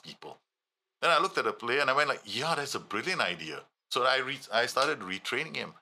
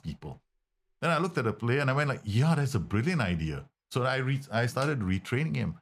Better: second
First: thin; very; fading below 500 Hz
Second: none

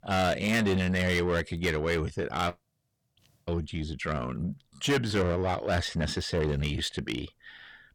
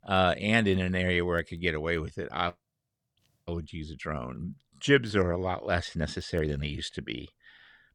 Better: second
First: distortion; heavy; 7 dB below the speech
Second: none

